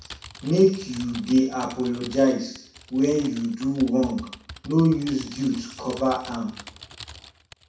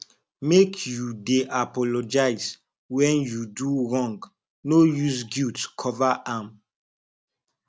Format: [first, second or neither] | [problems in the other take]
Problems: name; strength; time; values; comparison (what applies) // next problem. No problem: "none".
second | background sound (Typing); 18 dB below the speech // room echo; dies away in 0.6 s